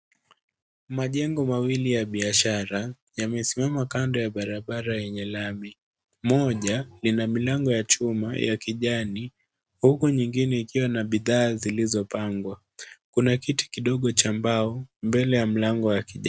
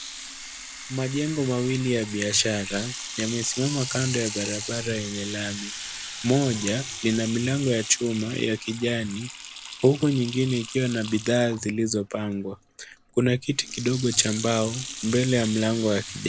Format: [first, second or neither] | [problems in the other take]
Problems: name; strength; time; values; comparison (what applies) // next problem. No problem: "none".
first | background sound (Sink (filling or washing) / Water tap, faucet); 11 dB below the speech